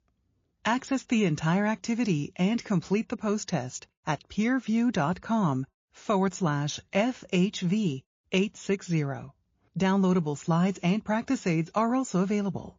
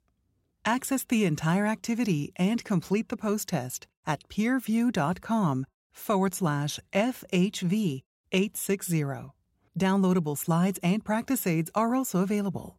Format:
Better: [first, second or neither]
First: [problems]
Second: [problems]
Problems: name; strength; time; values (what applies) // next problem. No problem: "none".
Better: second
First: garbled, watery; slightly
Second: none